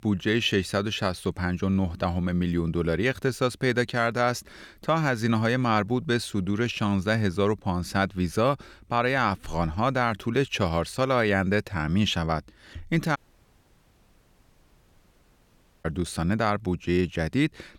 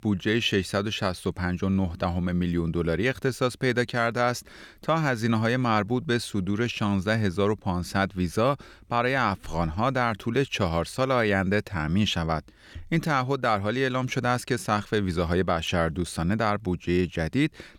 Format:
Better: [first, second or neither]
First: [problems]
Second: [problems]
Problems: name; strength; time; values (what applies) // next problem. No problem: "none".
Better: second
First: audio cutting out; at 13 s for 2.5 s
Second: none